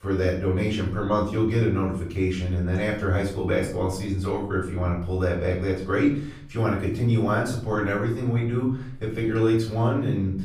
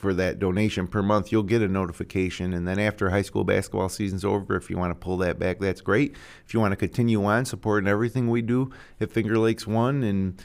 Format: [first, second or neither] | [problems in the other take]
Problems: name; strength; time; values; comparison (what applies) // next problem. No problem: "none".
second | off-mic speech; far // room echo; noticeable; dies away in 0.5 s